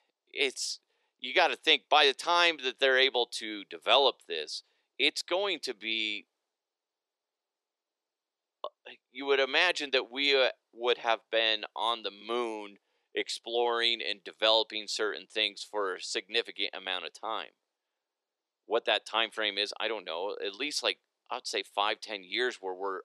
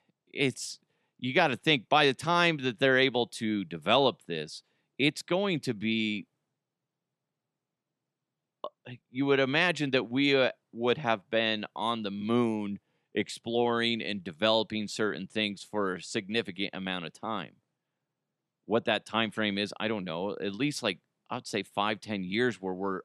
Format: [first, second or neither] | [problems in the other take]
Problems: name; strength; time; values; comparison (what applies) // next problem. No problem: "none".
second | thin; very; fading below 400 Hz